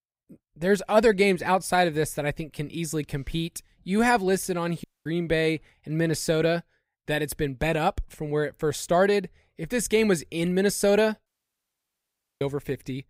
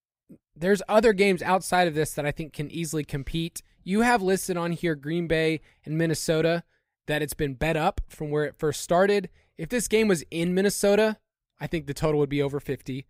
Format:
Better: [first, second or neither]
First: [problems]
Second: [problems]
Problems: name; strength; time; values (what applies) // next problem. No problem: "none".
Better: second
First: audio cutting out; at 5 s and at 11 s for 1 s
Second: none